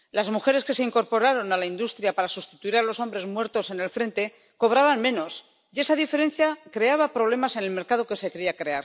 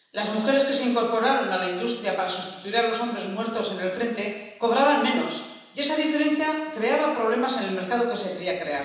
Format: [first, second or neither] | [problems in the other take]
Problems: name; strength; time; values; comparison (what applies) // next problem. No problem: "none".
first | room echo; dies away in 1.1 s